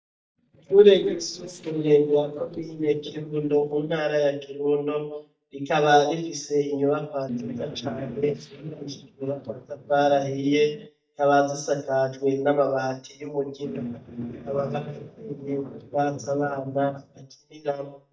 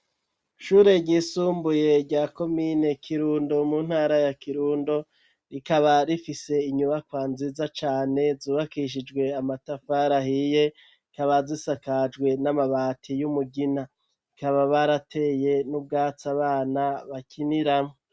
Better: second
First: noise reduction (neural mask model DeepFilterNet 3)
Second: none

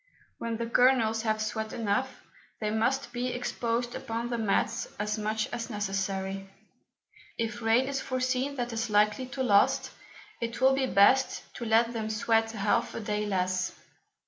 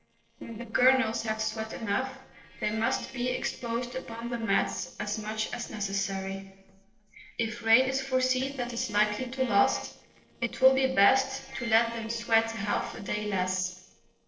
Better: first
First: none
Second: noise reduction (neural separator model SepFormer DNS4)

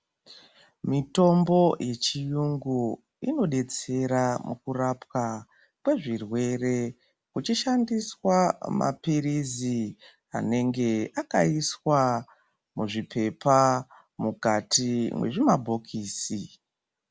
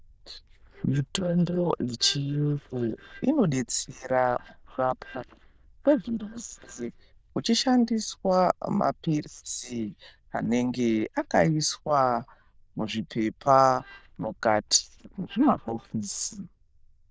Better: first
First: none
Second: noise reduction (neural diffusion model UNIVERSE++)

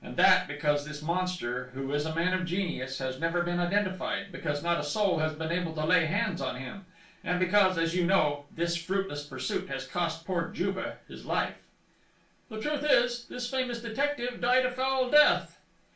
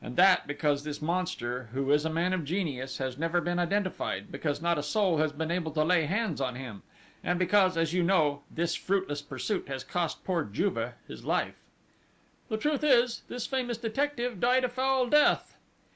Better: second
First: room echo; dies away in 0.3 s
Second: none

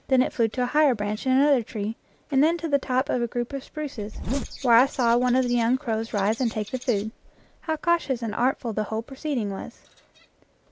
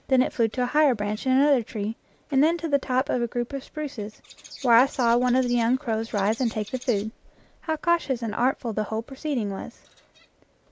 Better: second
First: background sound (Zipper (clothing)); 7 dB below the speech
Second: none

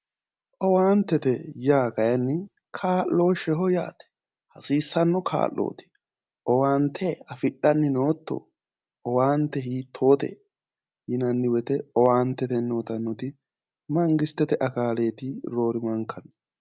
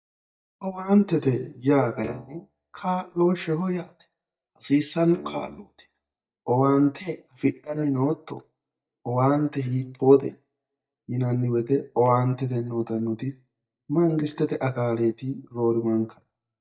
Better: first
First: none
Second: noise reduction (neural mask model DeepFilterNet 3)

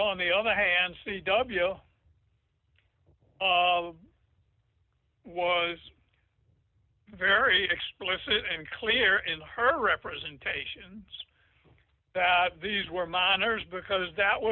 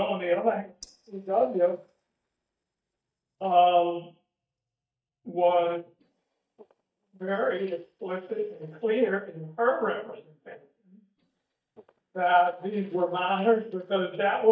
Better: first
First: none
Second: noise reduction (neural mask model DeepFilterNet 3)

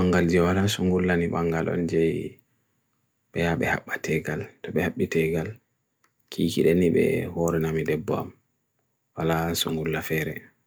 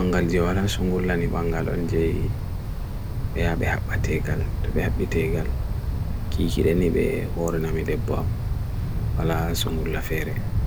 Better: first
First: none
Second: background sound (Wind); 1 dB above the speech

